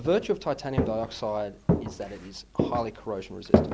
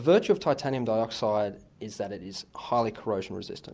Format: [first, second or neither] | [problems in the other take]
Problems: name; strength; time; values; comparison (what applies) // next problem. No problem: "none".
second | background sound (Walk, footsteps); 2 dB above the speech